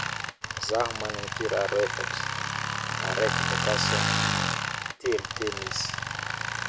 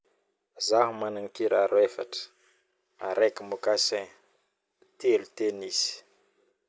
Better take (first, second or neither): second